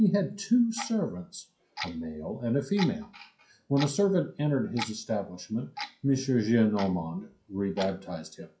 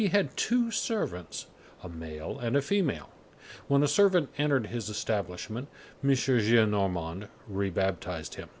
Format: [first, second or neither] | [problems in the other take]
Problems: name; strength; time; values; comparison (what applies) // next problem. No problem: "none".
second | noise reduction (classical method WPE with log-MMSE)